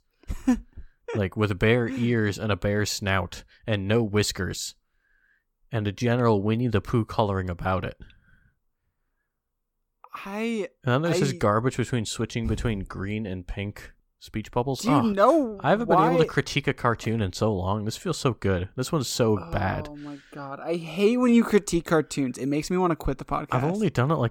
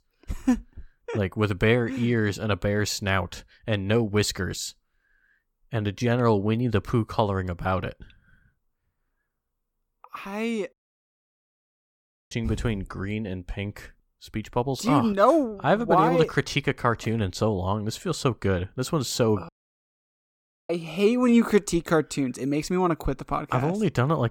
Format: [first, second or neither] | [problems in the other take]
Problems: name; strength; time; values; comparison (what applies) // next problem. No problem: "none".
first | audio cutting out; at 11 s for 1.5 s and at 19 s for 1 s